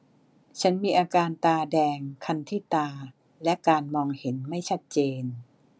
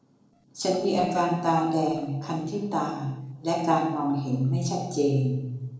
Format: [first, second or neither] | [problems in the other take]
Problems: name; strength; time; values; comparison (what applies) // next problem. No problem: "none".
first | noise reduction (neural separator model SepFormer DNS4)